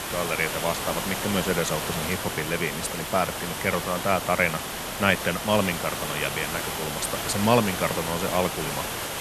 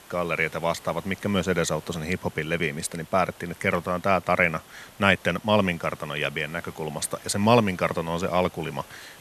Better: second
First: hiss; loud; throughout; 3 dB below the speech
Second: hiss; faint; throughout; 20 dB below the speech

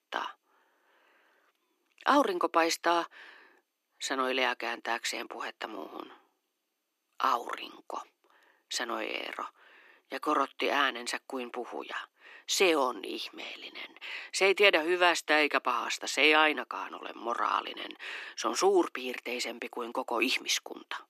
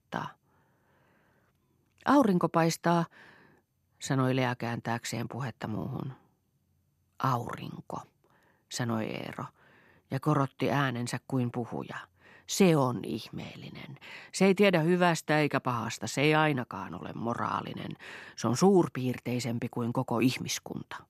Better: second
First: thin; somewhat; fading below 300 Hz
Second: none

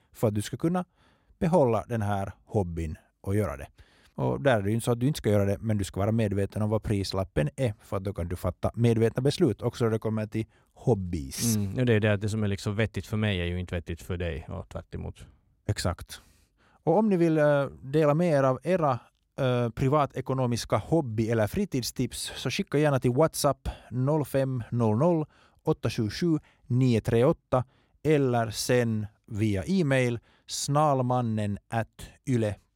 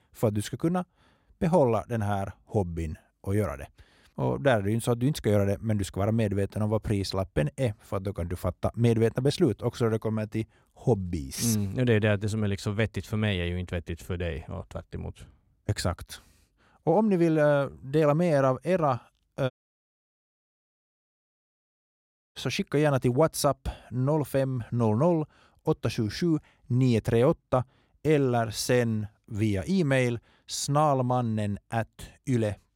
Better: first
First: none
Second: audio cutting out; at 20 s for 3 s

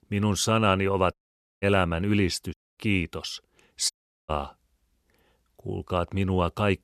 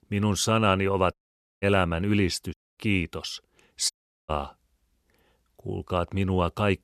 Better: neither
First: audio cutting out; at 1 s, at 2.5 s and at 4 s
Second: audio cutting out; at 1 s, at 2.5 s and at 4 s

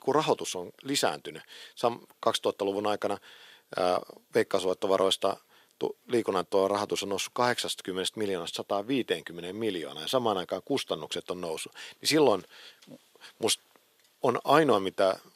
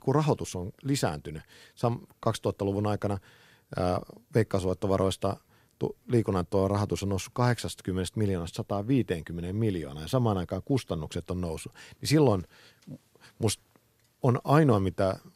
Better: second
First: thin; somewhat; fading below 400 Hz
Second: none

